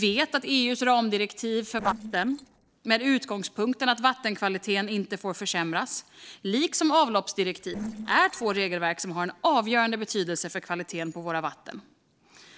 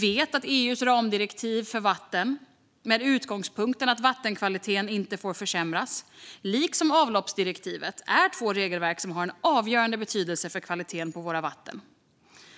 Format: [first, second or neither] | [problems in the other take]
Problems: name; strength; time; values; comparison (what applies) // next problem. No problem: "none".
second | noise reduction (neural separator model SepFormer DNS4)